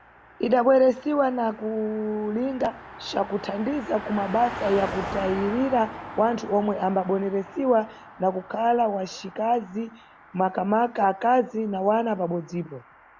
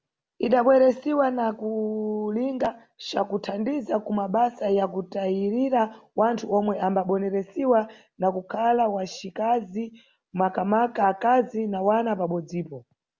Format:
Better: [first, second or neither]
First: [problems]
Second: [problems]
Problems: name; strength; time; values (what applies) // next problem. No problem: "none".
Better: second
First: background sound (Car passing by); 15 dB below the speech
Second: none